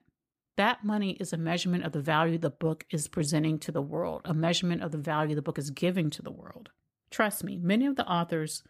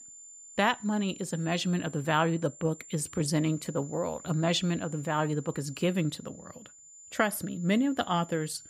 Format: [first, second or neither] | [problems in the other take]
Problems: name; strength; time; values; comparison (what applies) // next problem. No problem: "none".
first | high-pitched whine; noticeable; throughout; 7 kHz, 15 dB below the speech